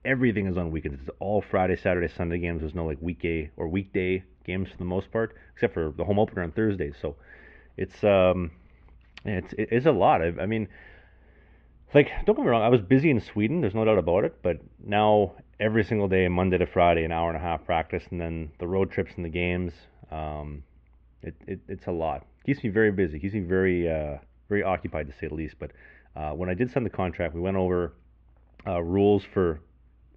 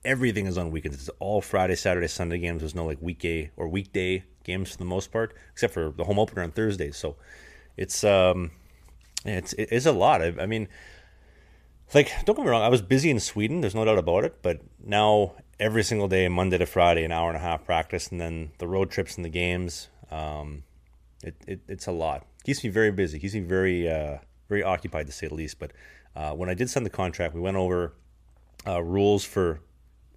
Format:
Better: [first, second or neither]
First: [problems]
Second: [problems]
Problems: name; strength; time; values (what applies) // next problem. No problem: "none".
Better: second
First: muffled; very; fading above 3 kHz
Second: none